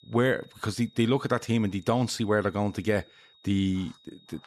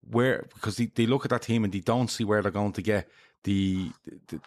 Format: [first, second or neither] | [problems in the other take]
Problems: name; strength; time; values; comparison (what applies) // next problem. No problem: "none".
second | high-pitched whine; faint; throughout; 3.5 kHz, 30 dB below the speech